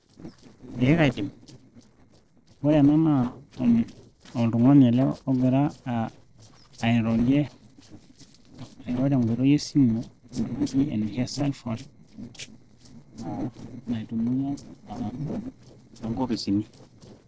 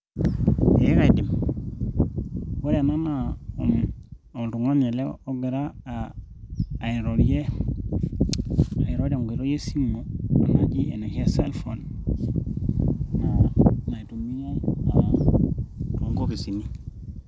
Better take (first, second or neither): second